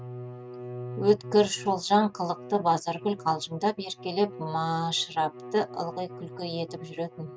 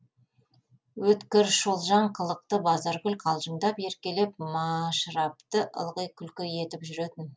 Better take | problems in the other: second | noise reduction (neural mask model RNNoise)

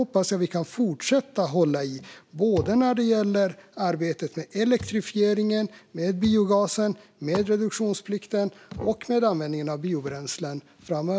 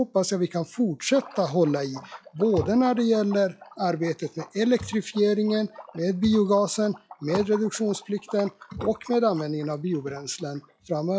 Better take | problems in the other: first | noise reduction (classical method log-MMSE)

